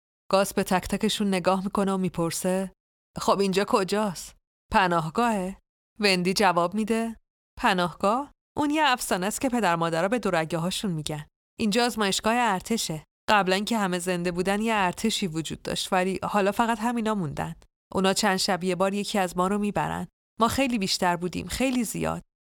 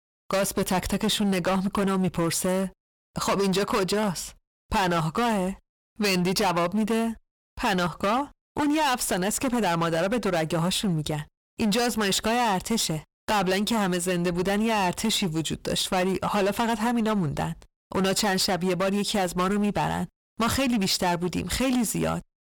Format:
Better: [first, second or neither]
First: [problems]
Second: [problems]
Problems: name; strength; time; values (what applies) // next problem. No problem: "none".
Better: first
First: none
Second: distortion; heavy; 18% of the sound clipped